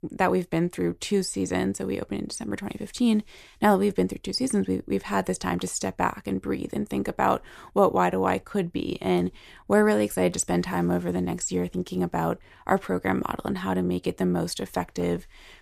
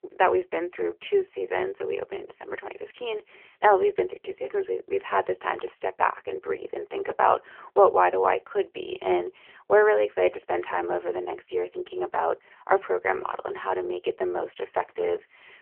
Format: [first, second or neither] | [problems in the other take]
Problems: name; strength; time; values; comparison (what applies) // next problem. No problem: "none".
first | phone-call audio; poor line